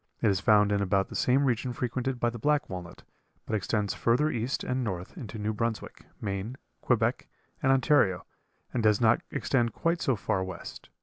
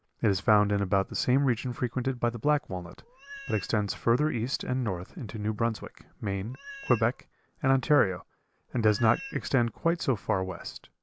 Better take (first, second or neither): first